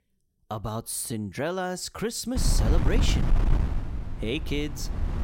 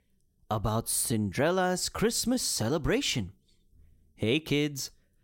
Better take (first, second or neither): second